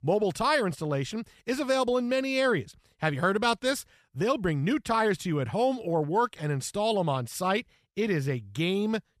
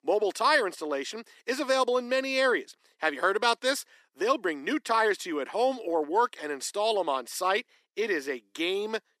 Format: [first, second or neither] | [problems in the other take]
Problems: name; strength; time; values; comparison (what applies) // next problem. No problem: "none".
first | thin; somewhat; fading below 300 Hz